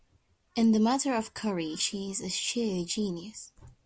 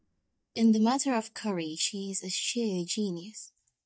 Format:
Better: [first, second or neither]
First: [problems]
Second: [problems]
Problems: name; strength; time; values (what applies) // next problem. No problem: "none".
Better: first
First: none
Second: noise reduction (neural mask model DeepFilterNet 3)